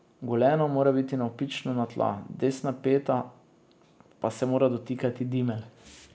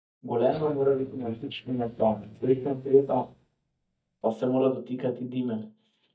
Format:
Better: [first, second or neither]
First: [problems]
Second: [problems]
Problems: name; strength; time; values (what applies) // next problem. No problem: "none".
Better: first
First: none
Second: noise reduction (neural mask model DeepFilterNet 3)